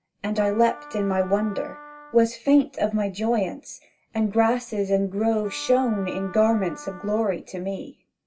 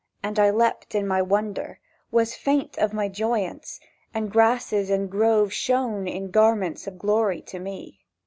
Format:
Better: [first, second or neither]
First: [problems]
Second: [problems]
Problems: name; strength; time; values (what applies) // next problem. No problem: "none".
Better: second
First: background sound (Wind instrument, woodwind instrument); 18 dB below the speech // room echo; dies away in 0.2 s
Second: none